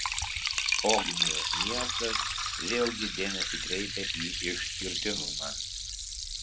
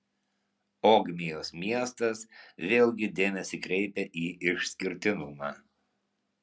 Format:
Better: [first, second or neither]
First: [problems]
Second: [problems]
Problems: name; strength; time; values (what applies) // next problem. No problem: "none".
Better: second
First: background sound (Liquid); 4 dB above the speech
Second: none